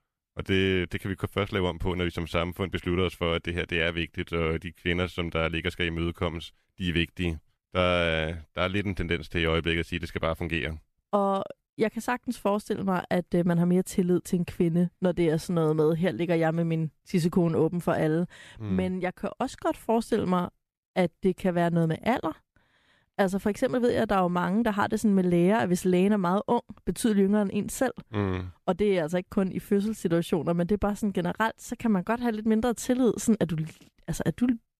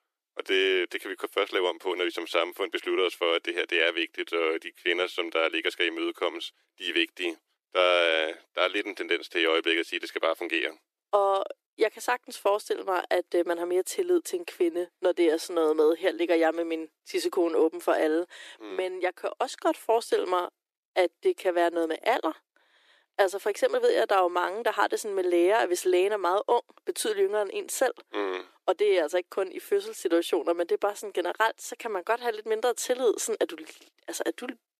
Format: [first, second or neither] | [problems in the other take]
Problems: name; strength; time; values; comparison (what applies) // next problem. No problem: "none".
first | thin; very; fading below 350 Hz